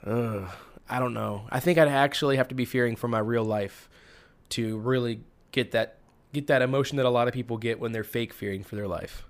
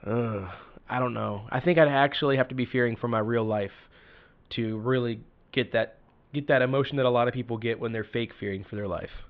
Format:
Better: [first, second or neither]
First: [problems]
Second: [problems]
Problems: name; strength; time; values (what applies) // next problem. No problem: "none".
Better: first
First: none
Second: muffled; slightly; fading above 3.5 kHz